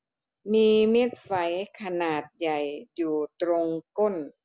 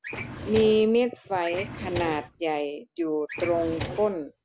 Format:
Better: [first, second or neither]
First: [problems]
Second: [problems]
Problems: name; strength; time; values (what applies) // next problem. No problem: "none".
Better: first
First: none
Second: background sound (Drawer open or close); 10 dB below the speech